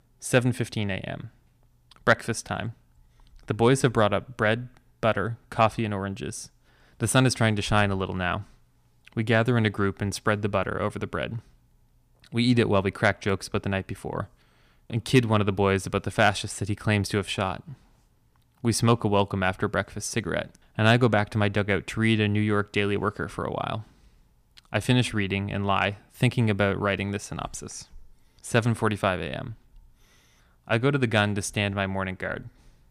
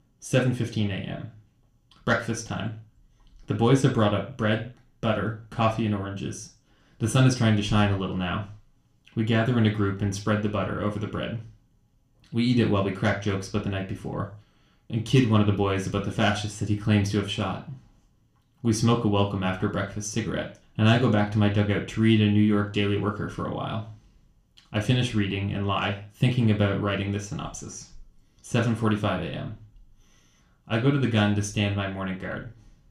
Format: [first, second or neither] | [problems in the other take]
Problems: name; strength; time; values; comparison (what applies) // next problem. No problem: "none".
first | room echo; slight; dies away in 0.3 s // off-mic speech; somewhat distant